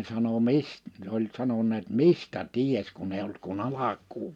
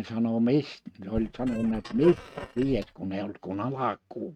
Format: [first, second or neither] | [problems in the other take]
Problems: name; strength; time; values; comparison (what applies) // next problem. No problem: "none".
first | noise reduction (neural mask model RNNoise)